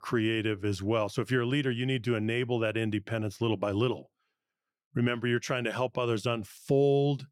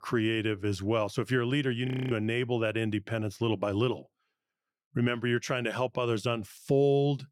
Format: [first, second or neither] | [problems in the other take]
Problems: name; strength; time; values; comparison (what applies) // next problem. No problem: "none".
first | audio freezing; at 2 s